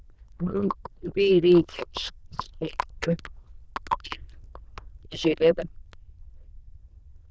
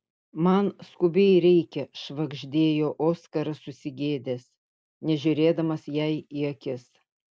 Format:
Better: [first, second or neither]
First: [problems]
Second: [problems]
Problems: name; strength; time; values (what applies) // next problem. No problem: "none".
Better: second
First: noise reduction (neural diffusion model UNIVERSE++)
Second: none